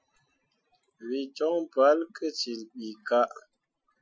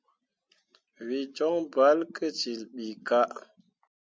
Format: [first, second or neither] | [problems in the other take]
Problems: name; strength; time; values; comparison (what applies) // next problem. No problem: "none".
second | noise reduction (classical method Wiener filter)